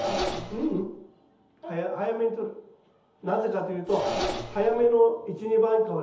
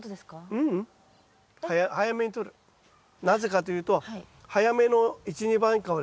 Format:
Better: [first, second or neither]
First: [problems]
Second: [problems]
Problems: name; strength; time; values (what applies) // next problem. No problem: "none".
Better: second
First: background sound (Engine); 9 dB below the speech // room echo; dies away in 0.8 s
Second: none